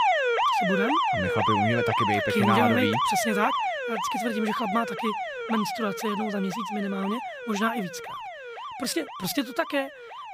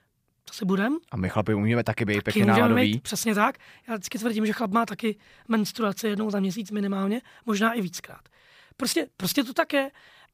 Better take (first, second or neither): second